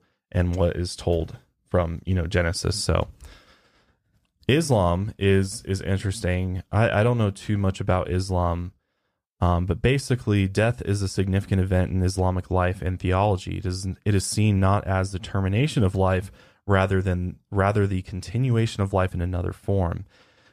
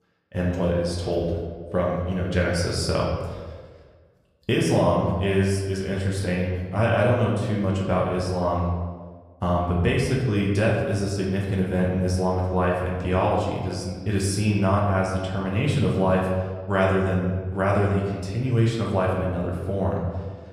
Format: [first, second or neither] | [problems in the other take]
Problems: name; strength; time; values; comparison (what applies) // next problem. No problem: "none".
first | room echo; noticeable; dies away in 1.2 s // off-mic speech; far